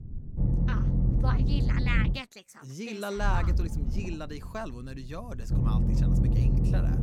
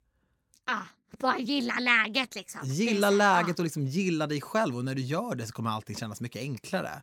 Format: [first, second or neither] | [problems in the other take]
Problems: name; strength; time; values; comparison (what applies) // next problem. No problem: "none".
second | low rumble; loud; until 2 s and from 3 s on; 3 dB below the speech